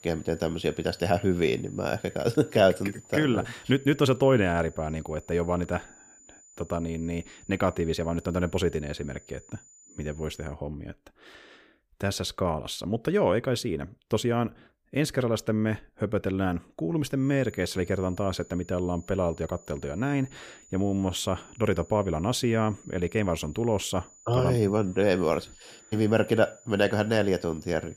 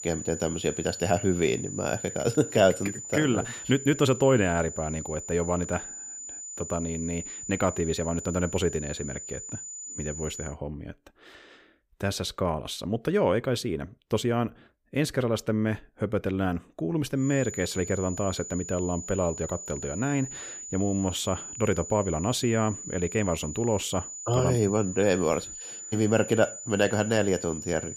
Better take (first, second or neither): first